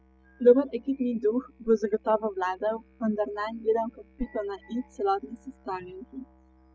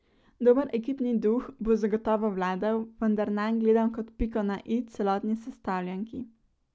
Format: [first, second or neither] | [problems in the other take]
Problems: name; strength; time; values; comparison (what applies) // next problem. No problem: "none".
second | noise reduction (classical method spectral subtraction)